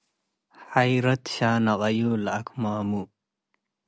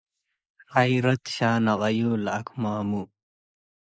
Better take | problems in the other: first | noise reduction (neural mask model Resemble Enhance denoiser)

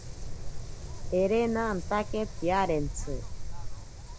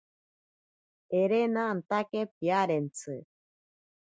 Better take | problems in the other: second | background sound (Wind); 3 dB below the speech

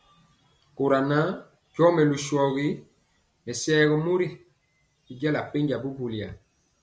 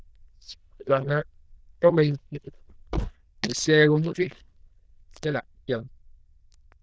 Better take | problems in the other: first | noise reduction (neural diffusion model UNIVERSE++)

